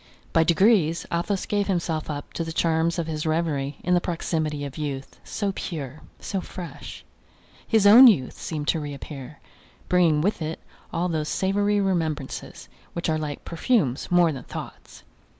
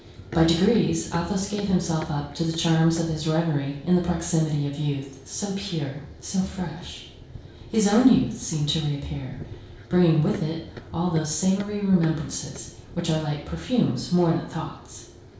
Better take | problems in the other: first | background sound (Run); 17 dB below the speech // room echo; dies away in 0.6 s

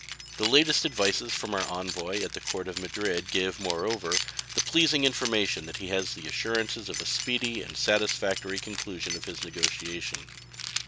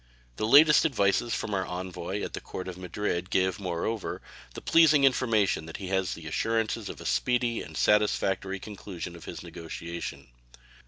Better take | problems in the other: second | background sound (Keys jangling); 6 dB below the speech

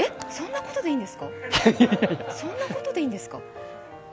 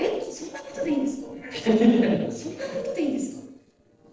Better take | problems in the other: first | noise reduction (neural separator model SepFormer DNS4)

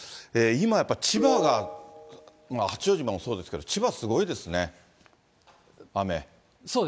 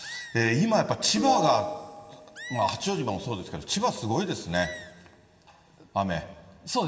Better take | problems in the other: first | background sound (Animal); 18 dB below the speech // room echo; dies away in 1.6 s

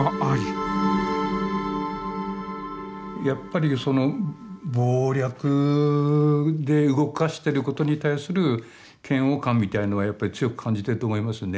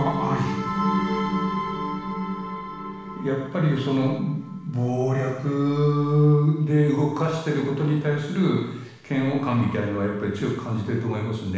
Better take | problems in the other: first | room echo; dies away in 0.9 s

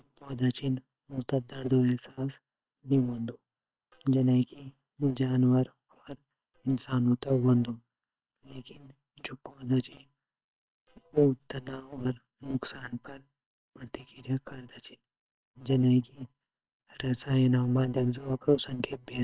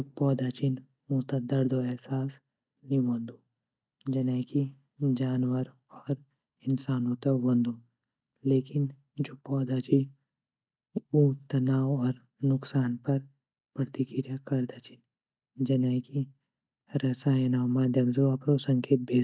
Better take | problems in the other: second | noise reduction (neural separator model SepFormer WHAM!)

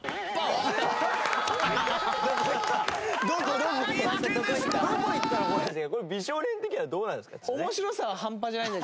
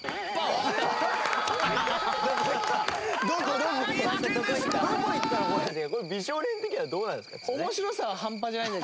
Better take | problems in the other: first | background sound (Cricket); 18 dB below the speech

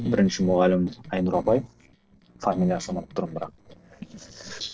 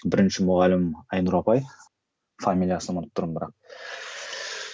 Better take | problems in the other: second | noise reduction (neural separator model SepFormer DNS4)

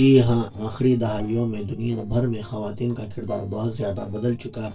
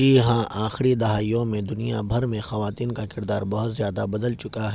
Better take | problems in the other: second | noise reduction (neural separator model SepFormer DNS4)

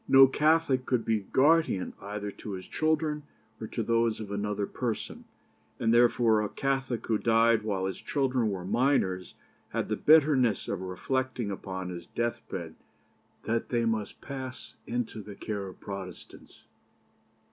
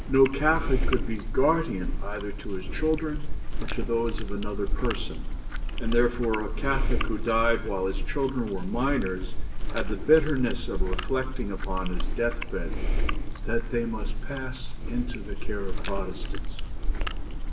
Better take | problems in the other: first | background sound (Chewing, mastication); 3 dB above the speech // room echo; dies away in 1 s

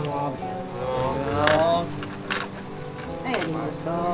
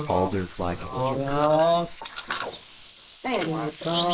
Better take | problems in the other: first | noise reduction (neural mask model Resemble Enhance denoiser)

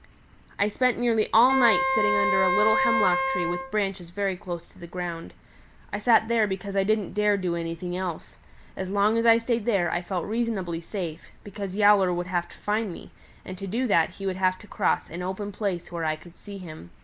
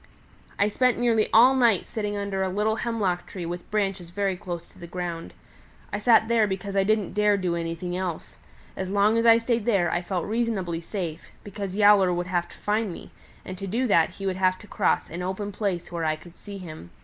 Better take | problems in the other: second | background sound (Wind instrument, woodwind instrument); 1 dB above the speech

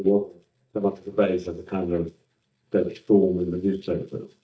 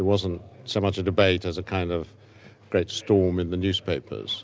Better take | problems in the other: second | noise reduction (neural mask model DeepFilterNet 3)

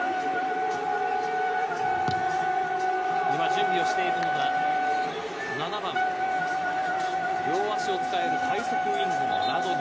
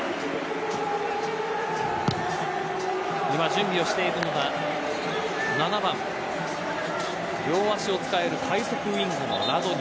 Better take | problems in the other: second | background sound (Wind instrument, woodwind instrument); 3 dB above the speech // room echo; dies away in 0.4 s

